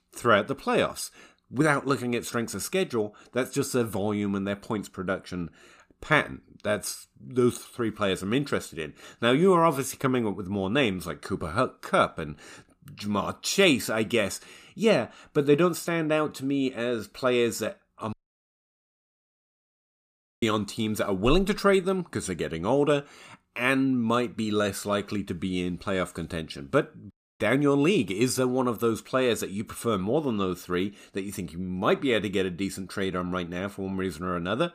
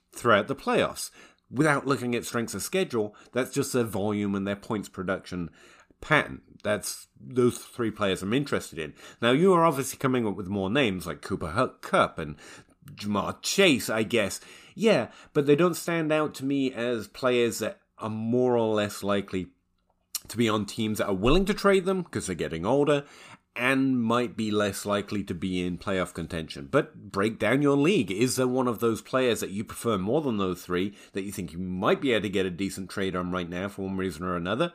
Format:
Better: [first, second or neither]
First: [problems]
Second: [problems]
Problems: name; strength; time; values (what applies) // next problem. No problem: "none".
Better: second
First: audio cutting out; at 18 s for 2.5 s and at 27 s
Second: none